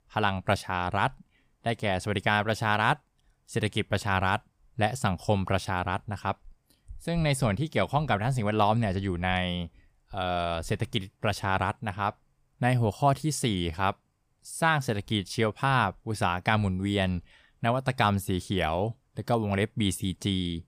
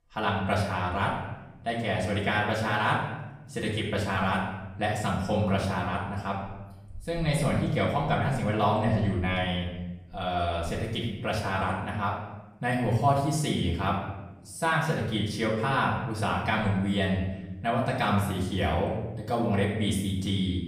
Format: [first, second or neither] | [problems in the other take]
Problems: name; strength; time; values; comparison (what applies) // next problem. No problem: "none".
first | room echo; noticeable; dies away in 0.9 s // off-mic speech; far